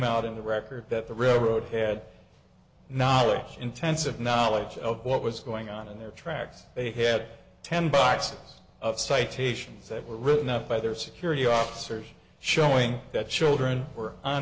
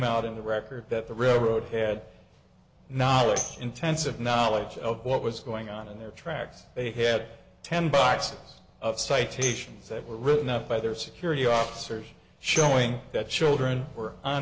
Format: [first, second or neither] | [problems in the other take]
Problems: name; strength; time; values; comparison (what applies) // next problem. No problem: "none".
first | background sound (Tambourine); 13 dB below the speech